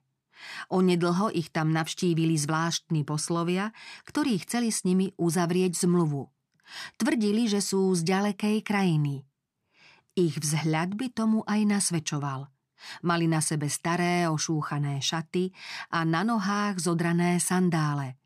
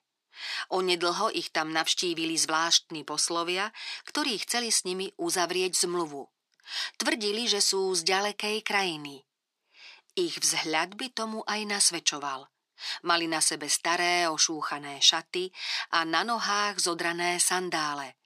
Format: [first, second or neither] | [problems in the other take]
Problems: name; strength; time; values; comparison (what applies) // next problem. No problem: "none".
first | thin; very; fading below 400 Hz